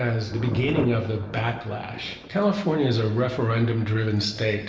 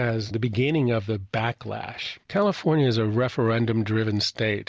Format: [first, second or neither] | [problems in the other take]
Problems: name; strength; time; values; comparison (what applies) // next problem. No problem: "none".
second | background sound (Thunder); 13 dB below the speech // room echo; dies away in 0.8 s